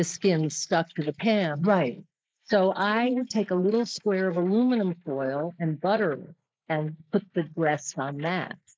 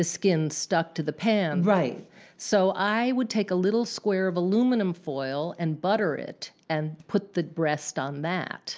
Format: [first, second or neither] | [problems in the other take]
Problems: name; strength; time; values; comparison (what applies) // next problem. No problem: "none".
second | noise reduction (neural mask model Resemble Enhance denoiser)